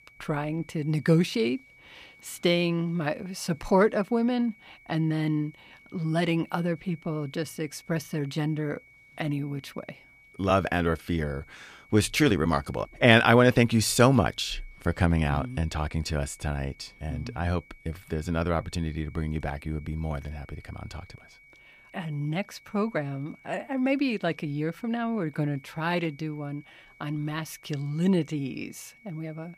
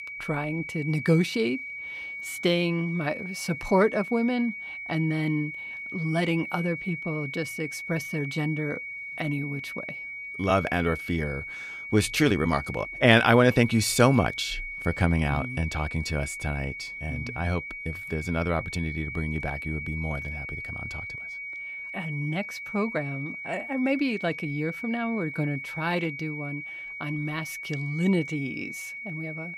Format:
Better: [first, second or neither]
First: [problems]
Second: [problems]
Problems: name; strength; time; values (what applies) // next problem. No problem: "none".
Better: first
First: high-pitched whine; faint; throughout; 2 kHz, 25 dB below the speech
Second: high-pitched whine; loud; throughout; 2 kHz, 8 dB below the speech